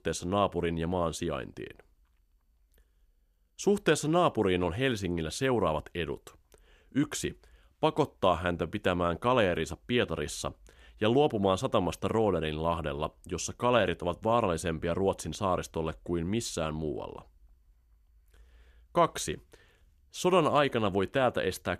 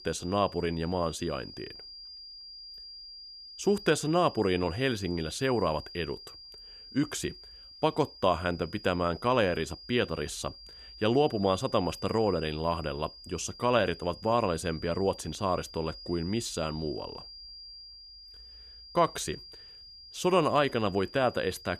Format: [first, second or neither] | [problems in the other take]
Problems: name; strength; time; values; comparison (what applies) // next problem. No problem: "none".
first | high-pitched whine; noticeable; throughout; 5 kHz, 15 dB below the speech